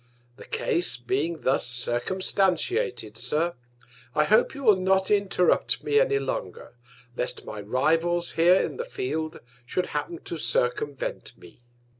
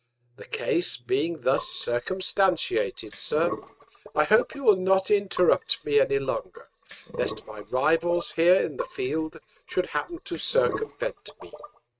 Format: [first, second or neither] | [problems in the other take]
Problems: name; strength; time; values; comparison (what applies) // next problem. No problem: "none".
first | noise reduction (neural mask model RNNoise)